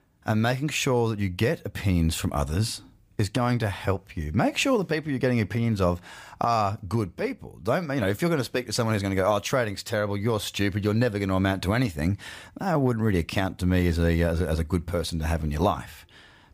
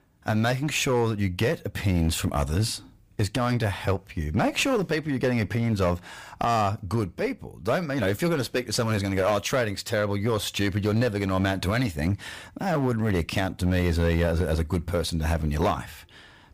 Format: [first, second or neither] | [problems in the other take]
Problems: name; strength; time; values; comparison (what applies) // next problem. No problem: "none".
first | distortion; slight; 8% of the sound clipped